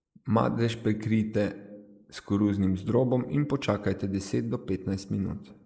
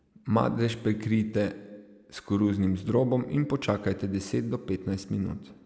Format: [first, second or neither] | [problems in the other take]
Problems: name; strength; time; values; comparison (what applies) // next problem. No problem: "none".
second | noise reduction (neural mask model Resemble Enhance denoiser)